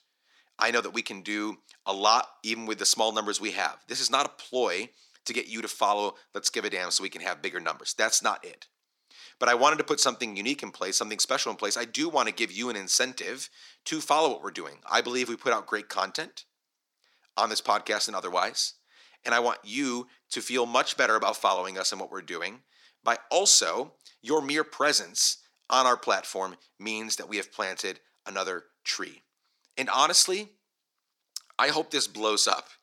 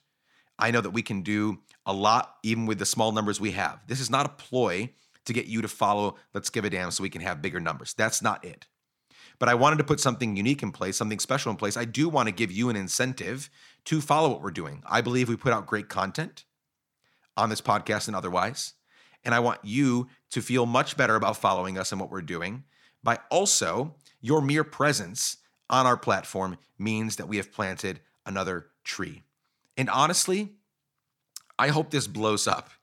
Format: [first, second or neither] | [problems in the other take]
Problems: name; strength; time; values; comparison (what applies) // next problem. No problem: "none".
second | thin; somewhat; fading below 350 Hz